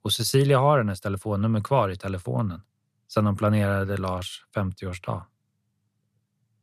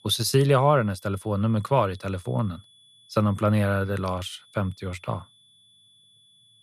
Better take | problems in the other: first | high-pitched whine; faint; throughout; 3.5 kHz, 30 dB below the speech

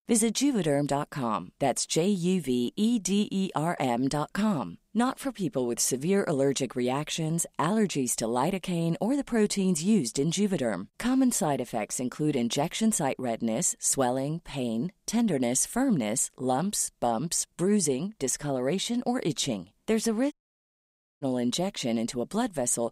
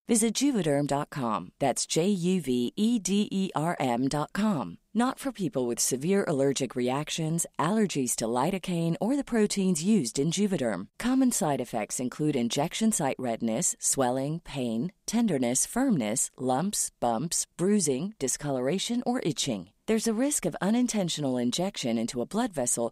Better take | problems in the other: second | audio cutting out; at 20 s for 1 s

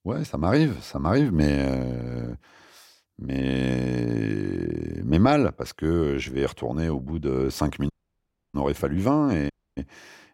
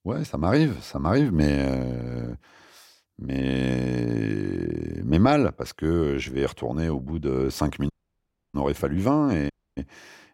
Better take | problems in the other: neither | audio cutting out; at 8 s for 0.5 s and at 9.5 s; the same in both

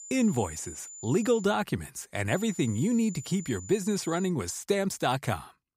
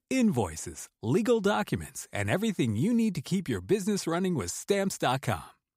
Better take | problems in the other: second | high-pitched whine; noticeable; until 1.5 s and from 2.5 to 4.5 s; 7 kHz, 15 dB below the speech

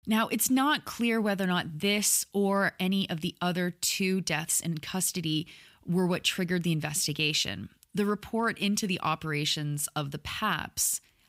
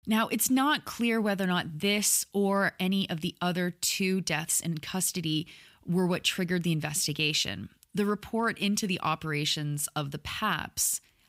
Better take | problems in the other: neither | none

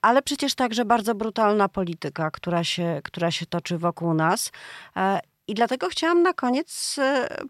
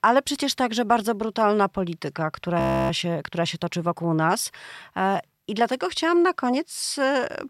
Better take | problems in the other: first | audio freezing; at 2.5 s

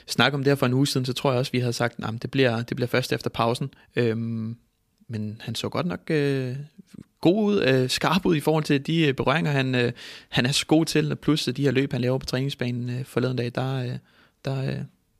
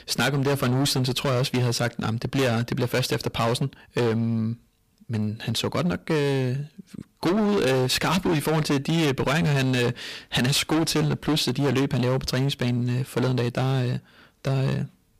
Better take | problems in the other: first | distortion; heavy; 20% of the sound clipped

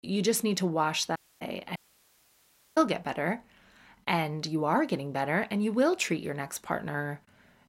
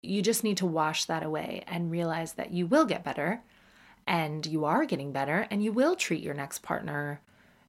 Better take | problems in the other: second | audio cutting out; at 1 s and at 2 s for 1 s

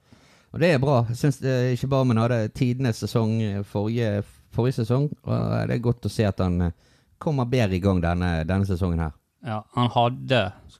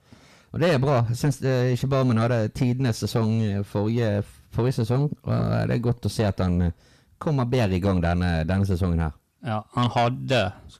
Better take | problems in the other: first | distortion; slight; 10 dB below the speech

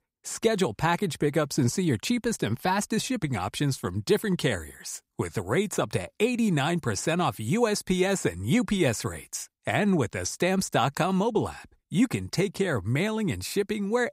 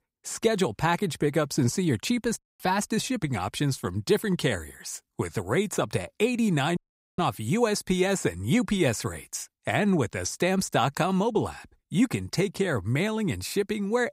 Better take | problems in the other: first | audio cutting out; at 2.5 s and at 7 s

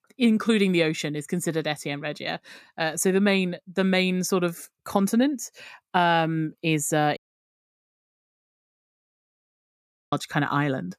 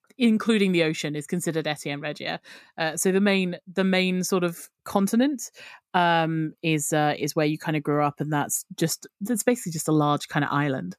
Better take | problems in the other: second | audio cutting out; at 7 s for 3 s

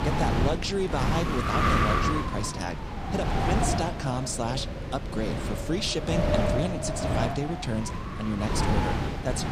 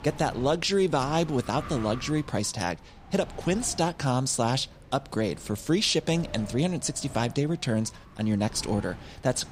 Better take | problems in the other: second | wind noise on the microphone; heavy; 3 dB above the speech; occasional gusts in the second

